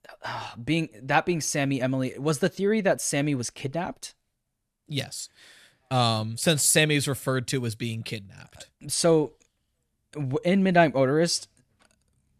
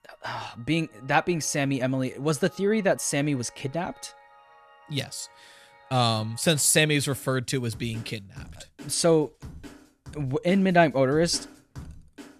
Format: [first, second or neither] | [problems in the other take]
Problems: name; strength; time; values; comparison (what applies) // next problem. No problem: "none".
first | background music; faint; throughout; 25 dB below the speech